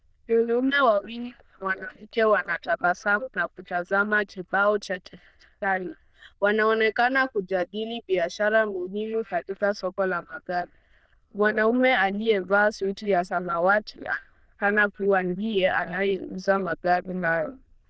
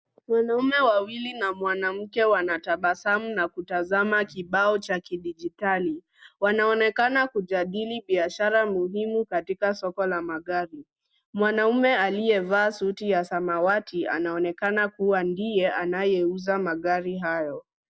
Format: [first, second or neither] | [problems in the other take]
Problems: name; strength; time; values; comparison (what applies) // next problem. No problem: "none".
second | noise reduction (neural diffusion model UNIVERSE++)